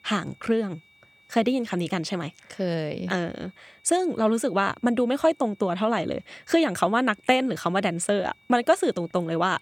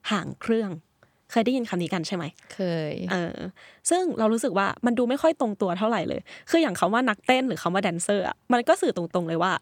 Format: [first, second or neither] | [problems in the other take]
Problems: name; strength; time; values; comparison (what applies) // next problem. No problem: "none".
second | high-pitched whine; faint; throughout; 2.5 kHz, 30 dB below the speech